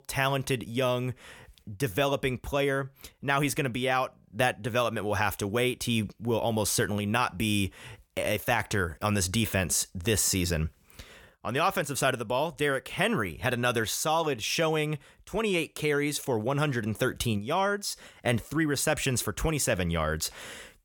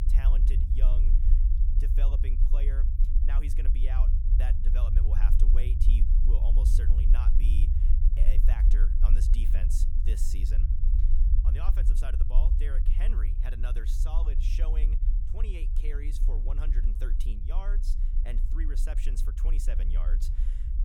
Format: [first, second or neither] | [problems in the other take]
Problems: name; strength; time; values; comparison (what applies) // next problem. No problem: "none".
first | low rumble; loud; throughout; 3 dB below the speech